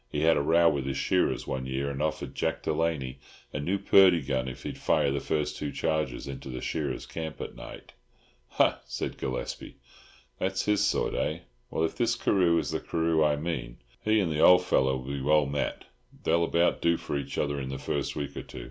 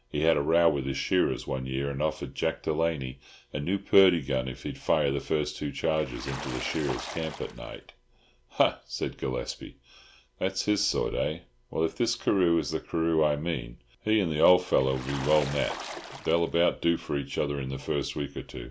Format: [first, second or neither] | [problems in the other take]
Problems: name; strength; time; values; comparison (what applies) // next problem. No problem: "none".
first | background sound (Water / Splash, splatter); 12 dB below the speech